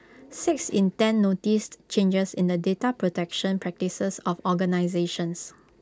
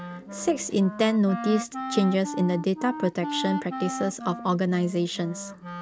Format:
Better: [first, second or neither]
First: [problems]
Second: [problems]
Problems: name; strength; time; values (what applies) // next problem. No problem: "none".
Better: first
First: none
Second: background sound (Wind instrument, woodwind instrument); 9 dB below the speech